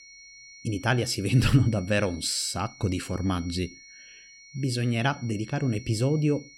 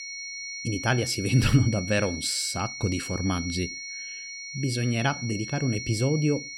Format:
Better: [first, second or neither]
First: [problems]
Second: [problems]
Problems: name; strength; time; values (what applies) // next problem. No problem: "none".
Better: first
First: high-pitched whine; faint; throughout; 2 kHz, 20 dB below the speech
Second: high-pitched whine; loud; throughout; 2 kHz, 8 dB below the speech